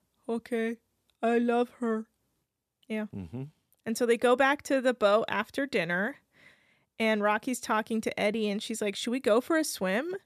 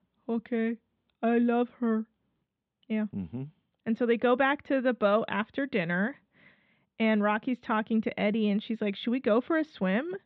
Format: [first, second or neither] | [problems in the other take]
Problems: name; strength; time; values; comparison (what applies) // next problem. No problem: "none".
first | muffled; very; fading above 3.5 kHz